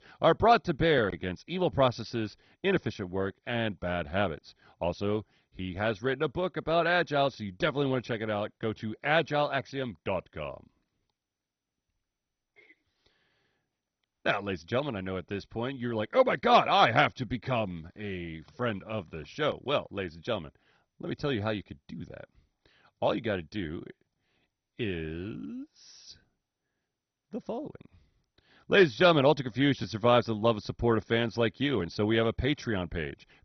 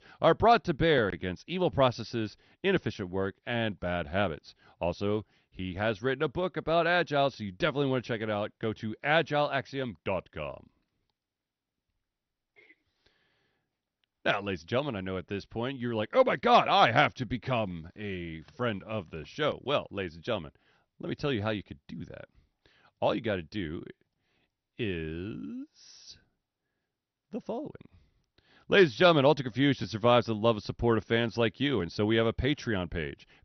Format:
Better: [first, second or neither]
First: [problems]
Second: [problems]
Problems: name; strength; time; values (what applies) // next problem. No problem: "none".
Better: second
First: garbled, watery; badly; nothing above 6 kHz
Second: garbled, watery; slightly; nothing above 6 kHz